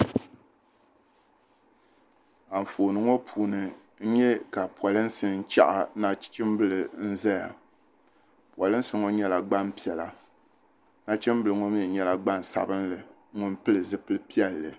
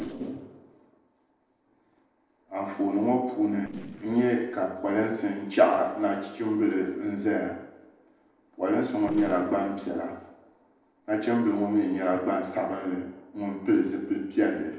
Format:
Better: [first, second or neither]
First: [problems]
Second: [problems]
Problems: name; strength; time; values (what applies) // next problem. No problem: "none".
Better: first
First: none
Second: noise reduction (neural separator model SepFormer DNS4)